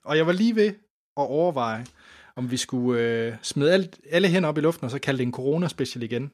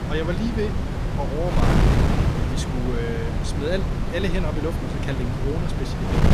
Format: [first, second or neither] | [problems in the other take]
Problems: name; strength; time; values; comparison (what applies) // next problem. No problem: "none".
first | wind noise on the microphone; heavy; as loud as the speech